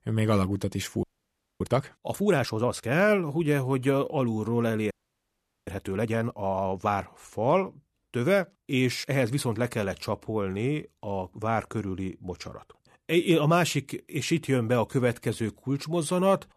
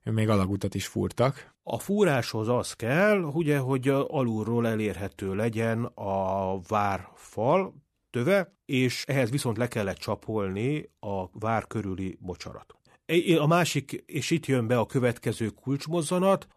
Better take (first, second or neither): second